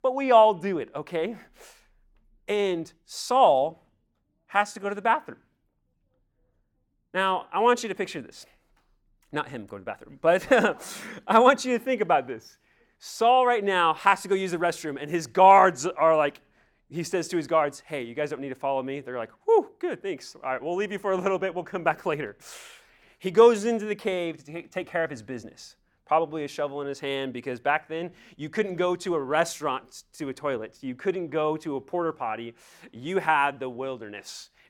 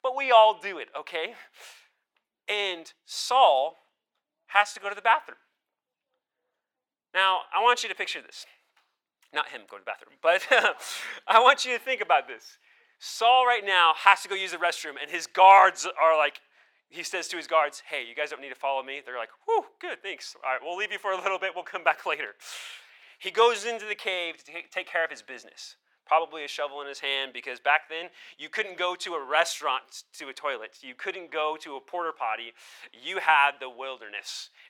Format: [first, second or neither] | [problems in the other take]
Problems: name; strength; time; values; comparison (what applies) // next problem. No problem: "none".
first | thin; very; fading below 750 Hz